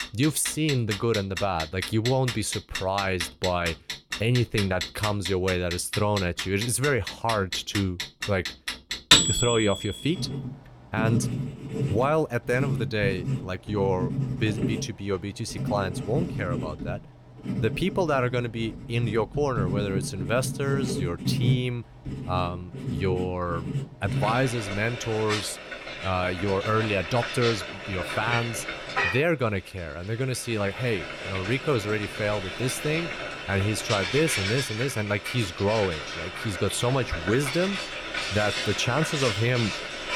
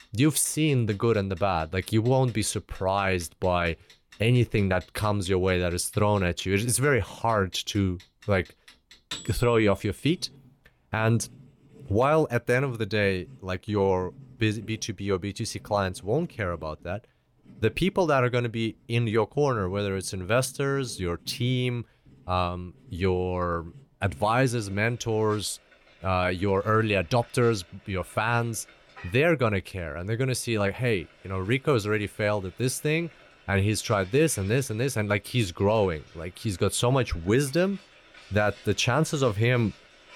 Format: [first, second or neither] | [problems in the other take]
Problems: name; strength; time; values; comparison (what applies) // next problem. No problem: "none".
second | household noises; loud; throughout; 3 dB below the speech; faint in the second